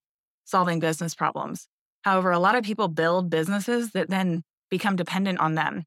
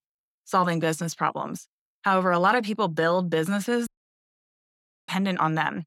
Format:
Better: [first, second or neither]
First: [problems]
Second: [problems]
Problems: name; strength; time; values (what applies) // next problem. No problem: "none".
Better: first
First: none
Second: audio cutting out; at 4 s for 1 s